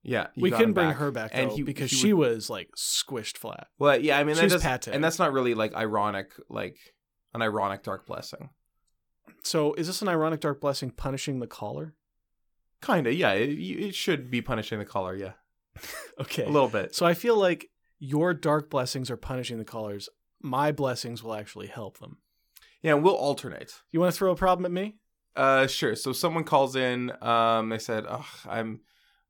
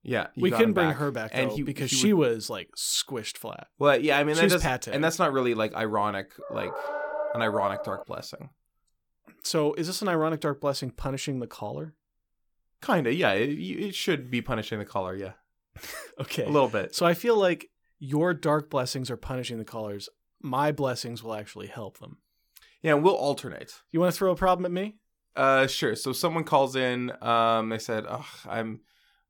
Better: first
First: none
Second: dog barking; noticeable; from 6.5 to 8 s; peak 4 dB below the speech

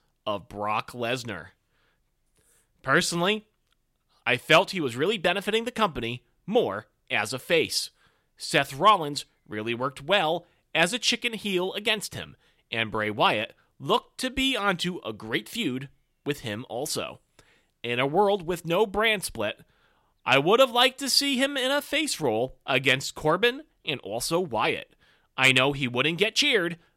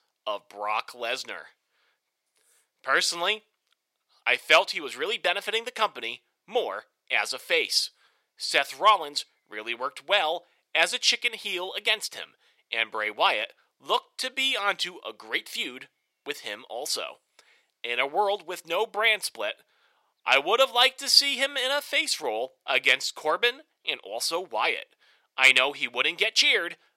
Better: first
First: none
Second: thin; very; fading below 600 Hz

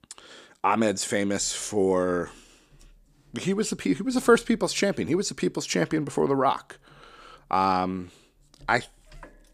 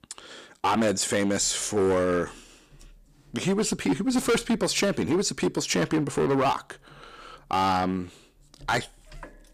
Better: first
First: none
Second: distortion; heavy; 8% of the sound clipped

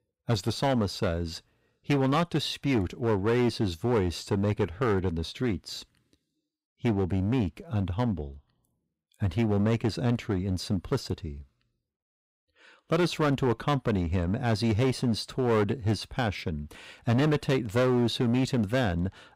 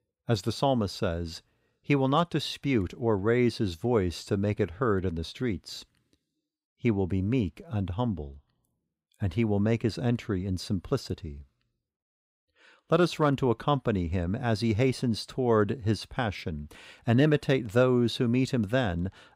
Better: second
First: distortion; slight; 8% of the sound clipped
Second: none

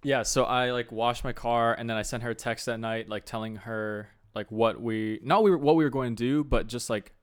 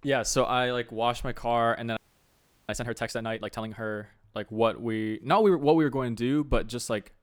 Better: first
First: none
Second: audio freezing; at 2 s for 0.5 s

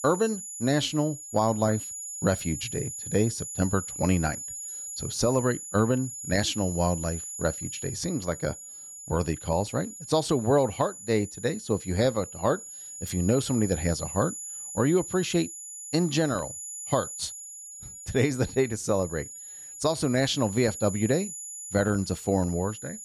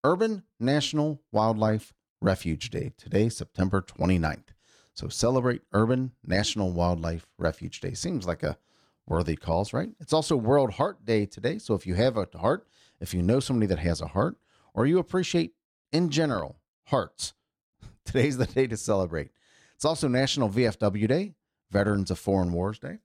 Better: second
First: high-pitched whine; loud; throughout; 7 kHz, 9 dB below the speech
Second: none

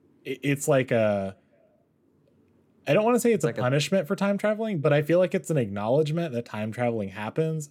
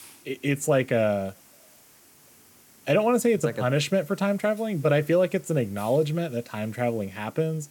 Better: first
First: none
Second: hiss; faint; throughout; 25 dB below the speech

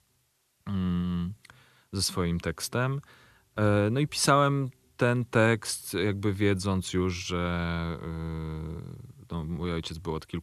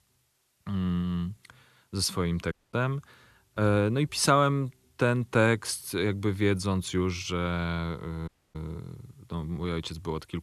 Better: first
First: none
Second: audio cutting out; at 2.5 s and at 8.5 s

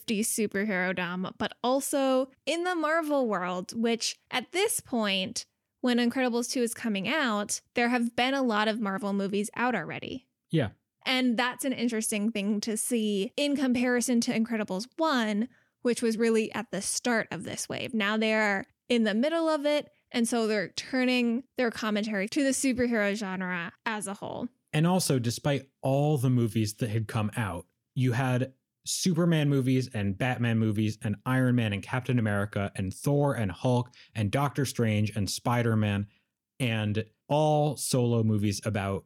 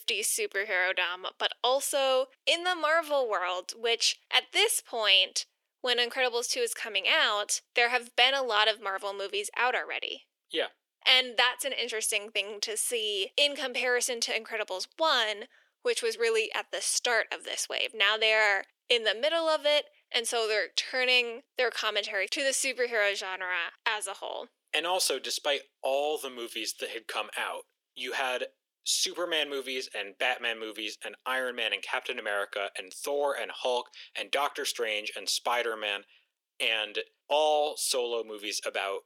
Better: first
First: none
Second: thin; very; fading below 400 Hz

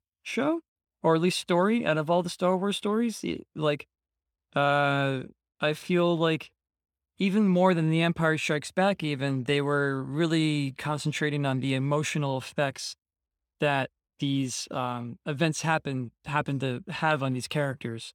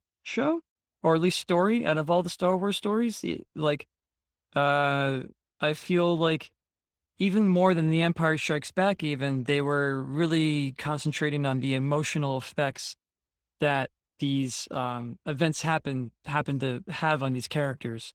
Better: first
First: none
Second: garbled, watery; slightly; nothing above 18 kHz

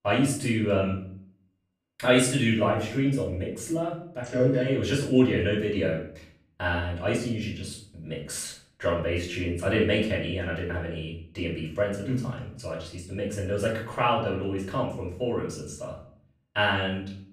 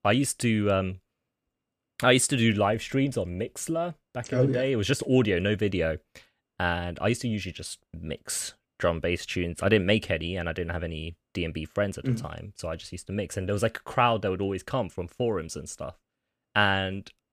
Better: second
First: off-mic speech; far // room echo; noticeable; dies away in 0.5 s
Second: none

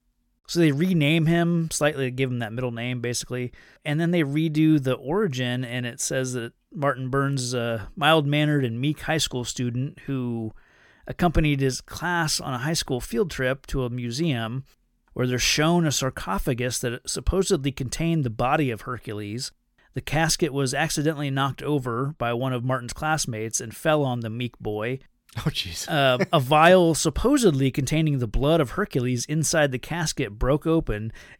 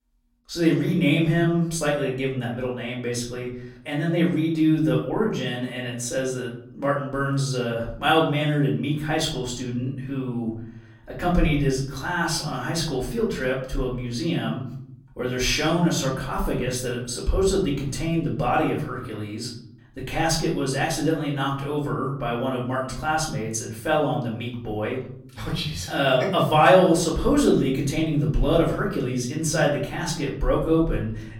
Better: first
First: none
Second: off-mic speech; far // room echo; slight; dies away in 0.6 s

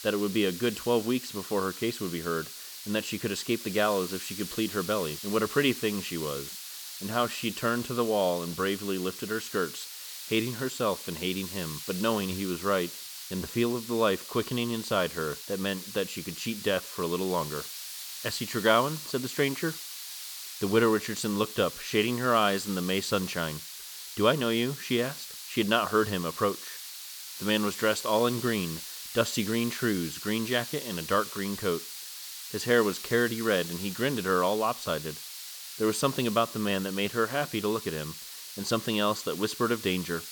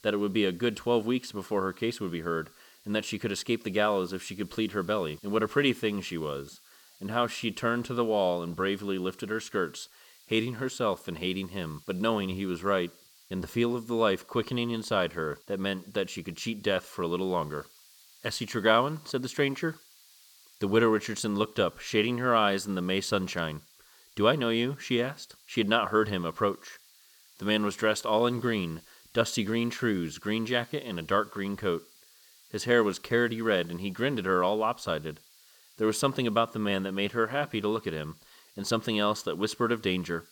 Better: second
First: hiss; loud; throughout; 9 dB below the speech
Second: hiss; faint; throughout; 25 dB below the speech

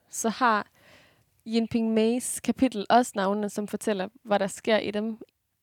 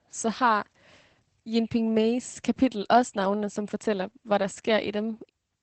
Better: first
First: none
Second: garbled, watery; badly; nothing above 8 kHz

